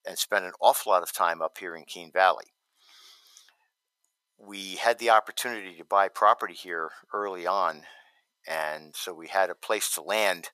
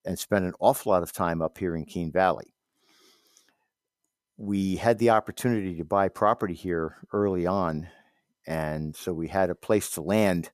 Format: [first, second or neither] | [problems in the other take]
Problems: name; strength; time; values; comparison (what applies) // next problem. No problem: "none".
second | thin; very; fading below 900 Hz